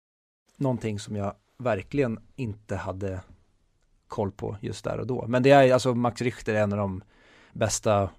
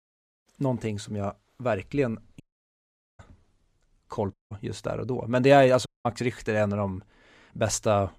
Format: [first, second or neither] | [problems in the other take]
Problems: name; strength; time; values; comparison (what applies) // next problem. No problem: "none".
first | audio cutting out; at 2.5 s for 1 s, at 4.5 s and at 6 s